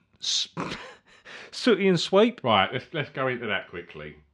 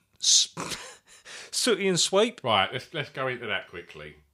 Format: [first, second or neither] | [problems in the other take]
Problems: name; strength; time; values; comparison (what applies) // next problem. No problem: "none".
second | muffled; slightly; fading above 3 kHz